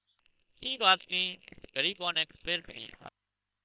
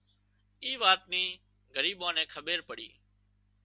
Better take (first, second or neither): second